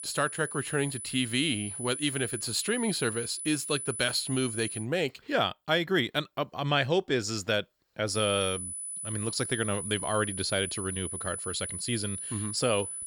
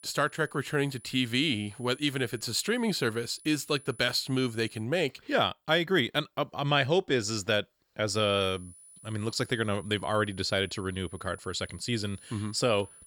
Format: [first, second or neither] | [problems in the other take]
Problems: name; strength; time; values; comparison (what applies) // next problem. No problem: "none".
second | high-pitched whine; loud; until 5 s and from 8 s on; 10 kHz, 5 dB below the speech; faint in the second